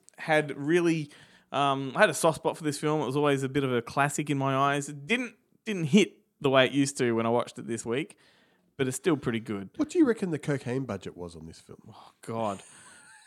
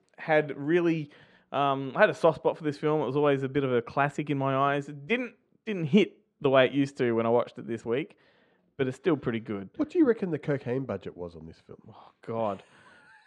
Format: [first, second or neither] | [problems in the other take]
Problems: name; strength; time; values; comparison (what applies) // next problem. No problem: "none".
first | muffled; slightly; fading above 3 kHz